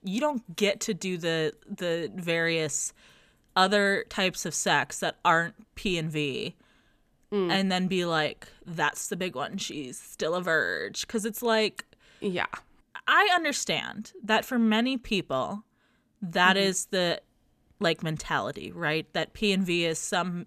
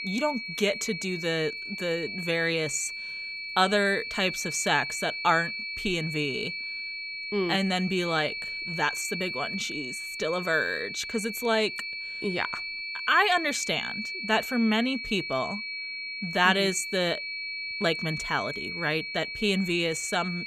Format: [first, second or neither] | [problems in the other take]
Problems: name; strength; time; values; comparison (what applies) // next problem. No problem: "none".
first | high-pitched whine; loud; throughout; 2.5 kHz, 5 dB below the speech